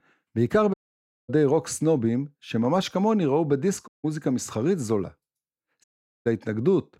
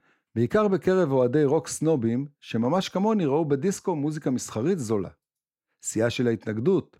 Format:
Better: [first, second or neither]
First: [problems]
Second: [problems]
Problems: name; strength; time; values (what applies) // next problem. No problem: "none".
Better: second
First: audio cutting out; at 0.5 s for 0.5 s, at 4 s and at 6 s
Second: none